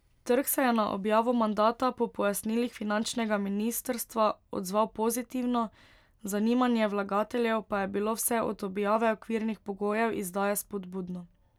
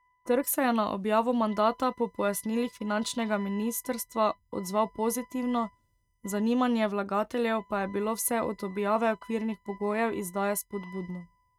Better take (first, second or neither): first